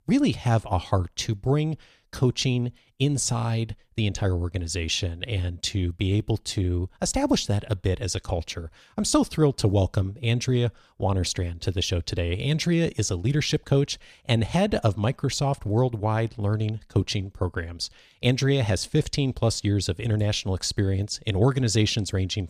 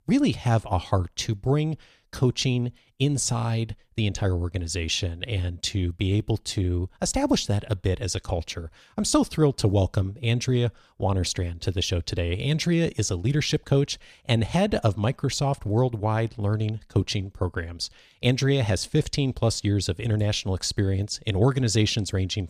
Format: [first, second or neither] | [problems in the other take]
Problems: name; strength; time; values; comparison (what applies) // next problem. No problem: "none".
neither | none